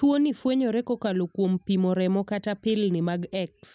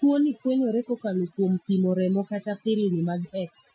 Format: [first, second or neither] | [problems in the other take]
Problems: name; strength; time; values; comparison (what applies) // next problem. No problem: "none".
first | noise reduction (classical method Wiener filter)